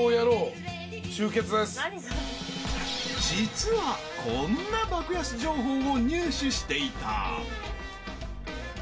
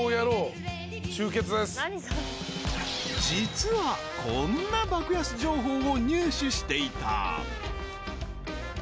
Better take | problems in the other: second | background sound (Wind); 19 dB below the speech // room echo; dies away in 0.2 s

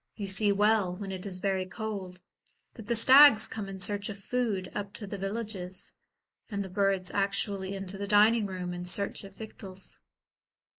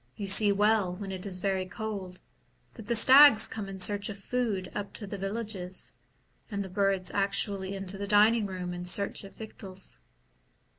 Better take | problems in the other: second | noise reduction (neural mask model Resemble Enhance denoiser)

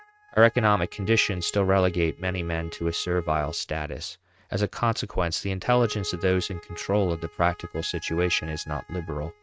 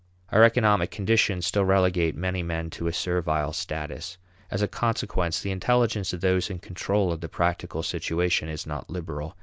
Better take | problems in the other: second | noise reduction (neural mask model RNNoise)

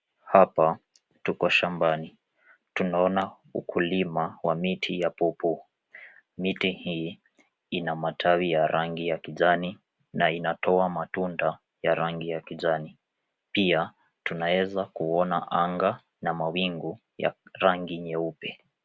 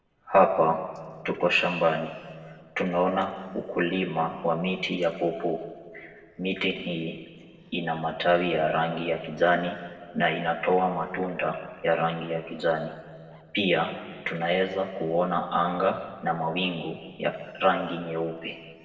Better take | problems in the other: first | noise reduction (neural separator model SepFormer DNS4)

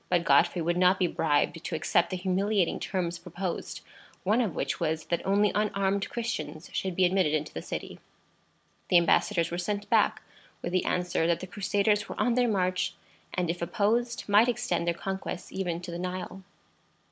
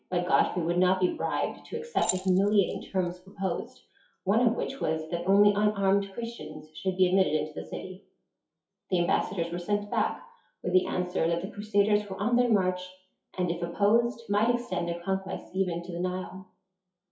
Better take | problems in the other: first | noise reduction (classical method WPE with log-MMSE)

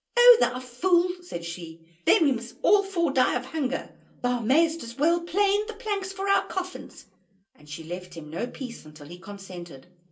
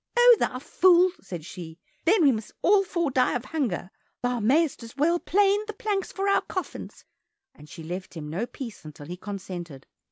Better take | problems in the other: second | room echo; dies away in 0.2 s

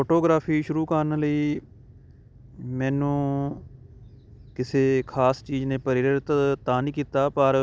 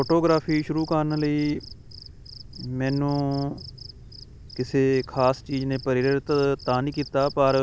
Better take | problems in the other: first | background sound (Cricket); 18 dB below the speech

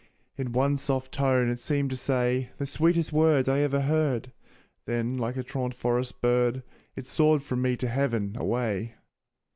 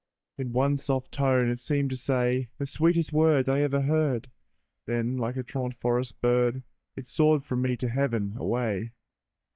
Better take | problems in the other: first | noise reduction (neural mask model DeepFilterNet 3)

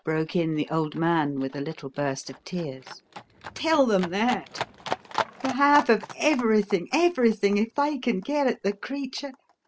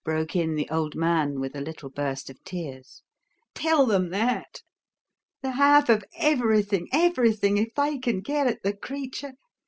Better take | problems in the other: second | background sound (Livestock, farm animals, working animals); 13 dB below the speech

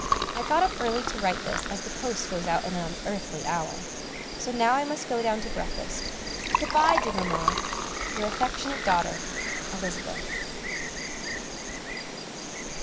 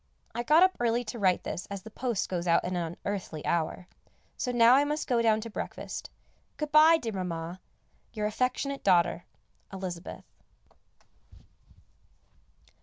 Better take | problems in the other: second | background sound (Liquid + Insect); 1 dB below the speech

